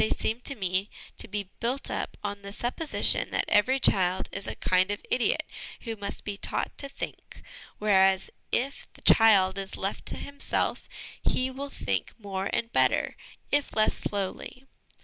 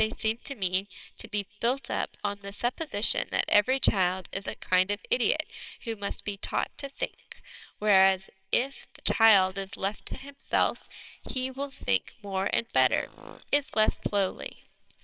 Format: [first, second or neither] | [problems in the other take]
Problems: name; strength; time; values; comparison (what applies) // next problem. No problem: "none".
first | noise reduction (neural separator model SepFormer WHAMR!)